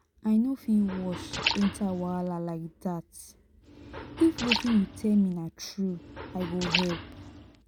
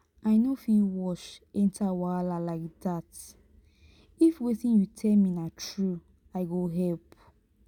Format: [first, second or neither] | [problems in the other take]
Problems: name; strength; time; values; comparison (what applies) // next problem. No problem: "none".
second | background sound (Liquid); 6 dB below the speech